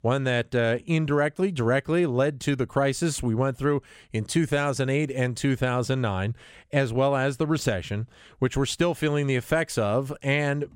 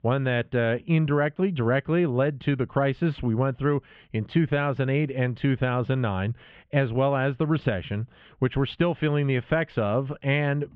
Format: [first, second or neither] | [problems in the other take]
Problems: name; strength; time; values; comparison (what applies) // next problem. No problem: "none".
first | muffled; very; fading above 3 kHz